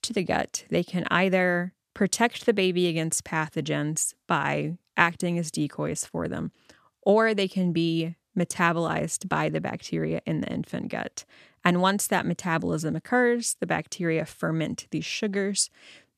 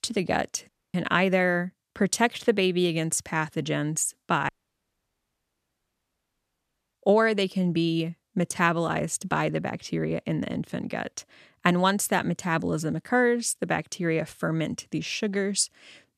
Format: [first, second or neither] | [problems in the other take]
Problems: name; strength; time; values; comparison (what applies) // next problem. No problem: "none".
first | audio cutting out; at 0.5 s and at 4.5 s for 2.5 s